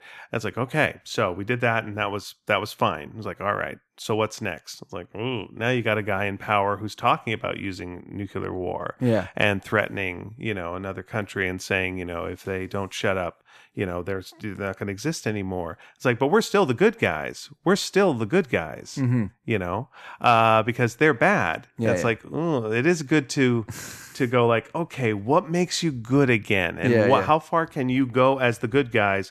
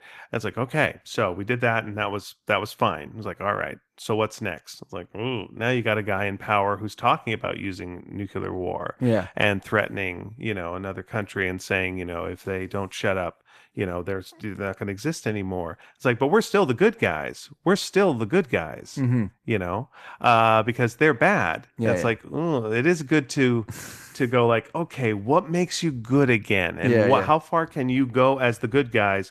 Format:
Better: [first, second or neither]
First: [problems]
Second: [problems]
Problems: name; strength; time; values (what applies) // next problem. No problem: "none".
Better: first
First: none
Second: garbled, watery; slightly; nothing above 14 kHz